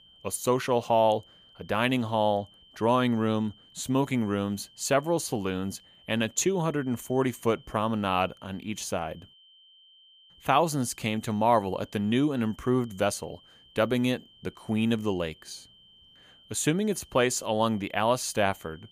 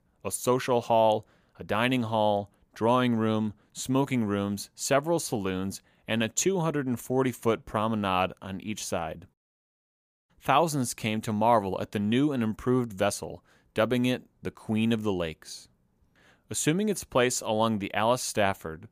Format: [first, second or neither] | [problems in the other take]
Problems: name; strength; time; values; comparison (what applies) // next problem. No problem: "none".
second | high-pitched whine; faint; throughout; 3 kHz, 25 dB below the speech